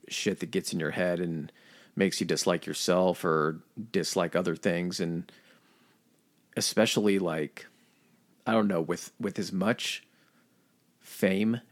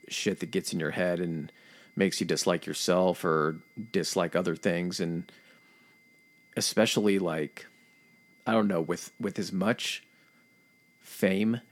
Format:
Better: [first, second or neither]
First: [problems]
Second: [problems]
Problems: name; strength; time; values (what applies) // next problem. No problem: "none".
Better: first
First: none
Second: high-pitched whine; faint; throughout; 2 kHz, 30 dB below the speech